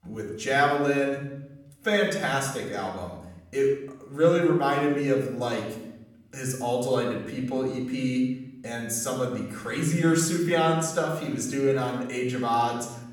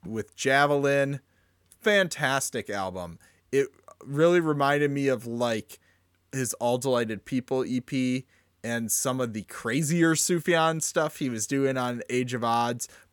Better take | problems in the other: second | off-mic speech; far // room echo; noticeable; dies away in 0.9 s

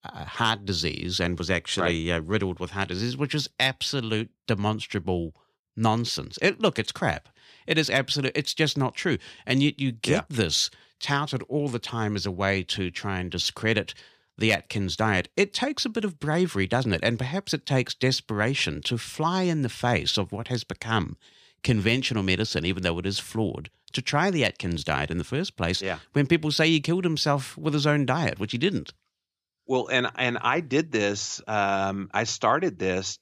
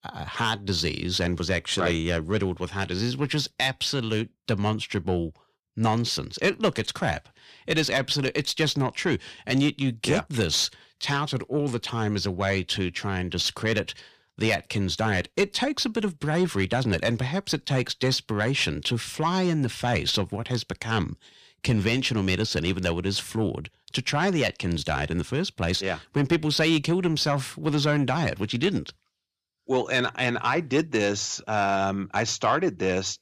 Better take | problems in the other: first | distortion; slight; 10 dB below the speech

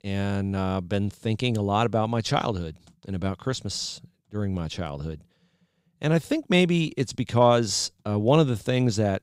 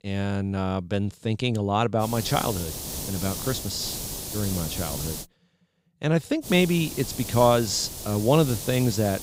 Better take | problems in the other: first | hiss; loud; from 2 to 5 s and from 6.5 s on; 7 dB below the speech

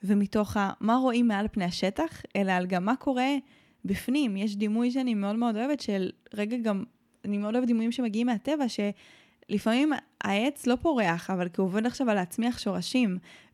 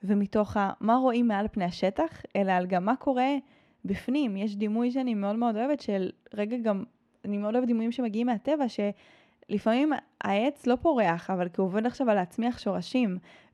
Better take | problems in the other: first | muffled; slightly; fading above 3 kHz

